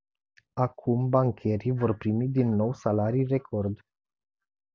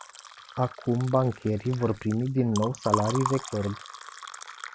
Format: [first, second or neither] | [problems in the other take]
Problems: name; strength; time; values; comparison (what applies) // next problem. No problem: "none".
first | background sound (Liquid); 9 dB below the speech